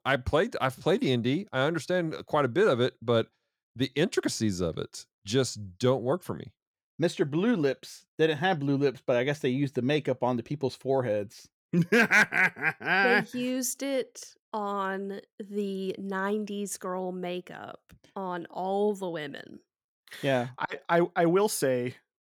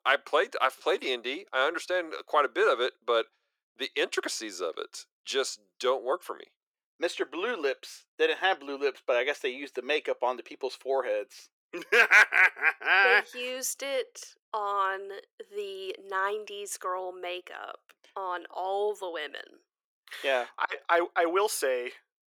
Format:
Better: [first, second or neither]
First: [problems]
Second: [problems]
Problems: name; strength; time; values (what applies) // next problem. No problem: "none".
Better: first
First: none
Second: thin; very; fading below 400 Hz